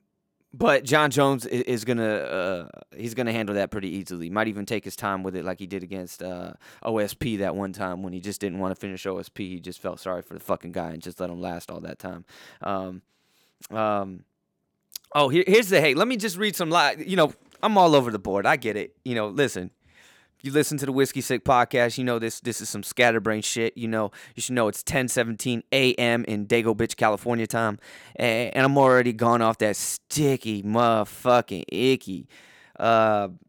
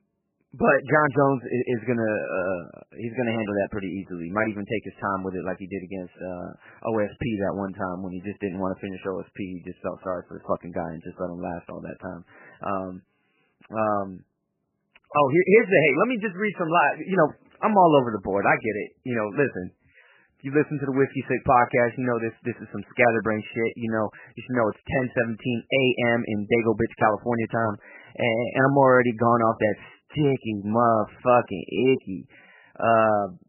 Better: first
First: none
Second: garbled, watery; badly; nothing above 3 kHz

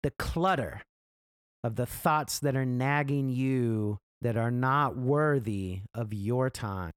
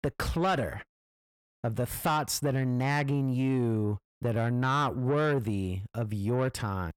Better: first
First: none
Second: distortion; slight; 10 dB below the speech

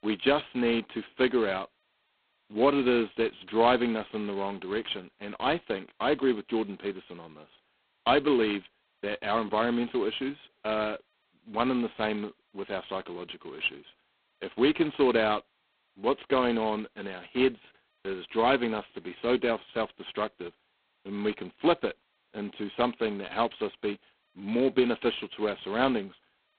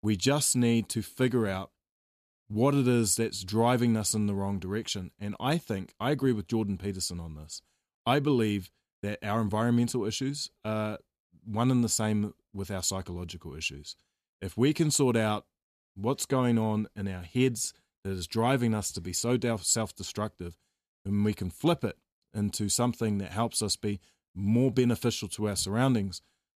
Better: second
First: phone-call audio; poor line; nothing above 4 kHz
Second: none

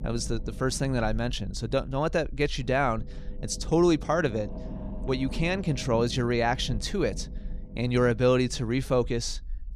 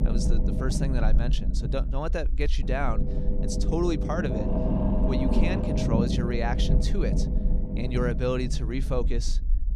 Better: first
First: low rumble; faint; throughout; 20 dB below the speech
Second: low rumble; loud; throughout; 3 dB below the speech

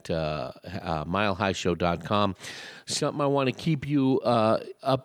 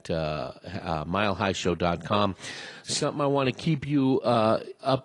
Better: first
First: none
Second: garbled, watery; slightly

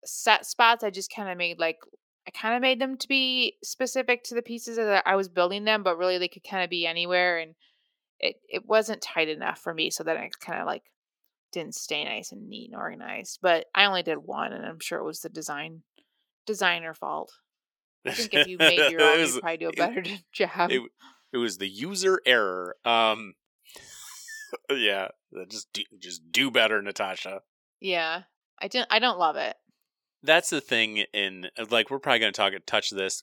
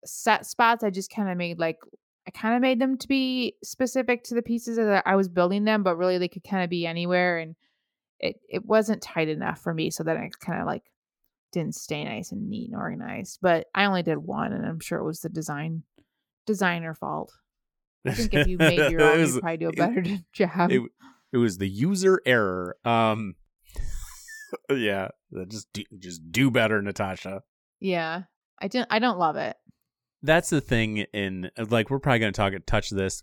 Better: second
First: thin; somewhat; fading below 400 Hz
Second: none

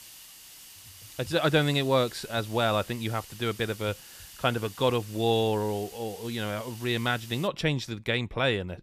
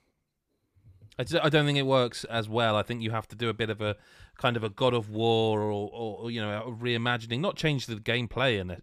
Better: second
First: hiss; noticeable; until 7.5 s; 15 dB below the speech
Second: none

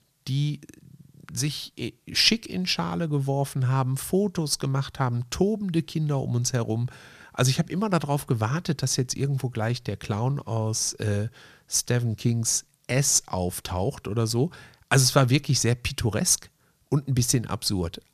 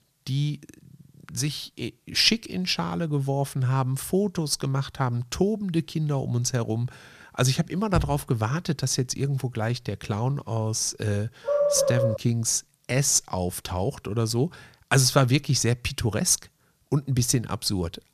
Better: first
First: none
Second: door banging; noticeable; at 8 s; peak 6 dB below the speech // dog barking; loud; at 11 s; peak 2 dB above the speech

